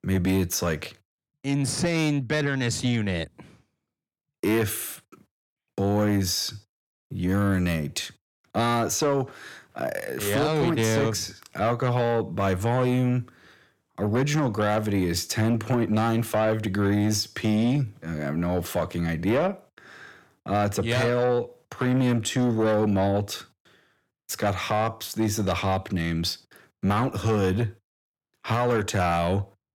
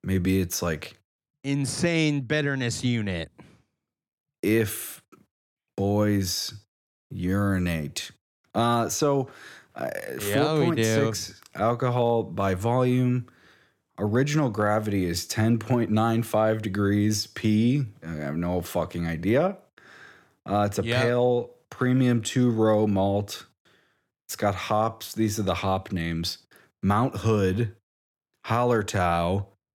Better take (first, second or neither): second